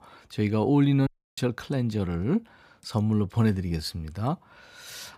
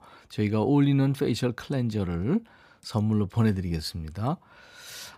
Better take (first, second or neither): second